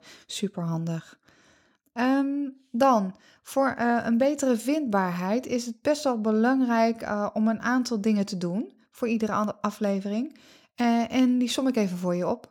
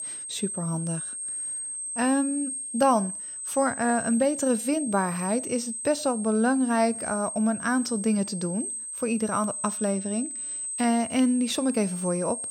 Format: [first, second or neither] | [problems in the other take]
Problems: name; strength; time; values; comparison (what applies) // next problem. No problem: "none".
first | high-pitched whine; loud; throughout; 8 kHz, 5 dB below the speech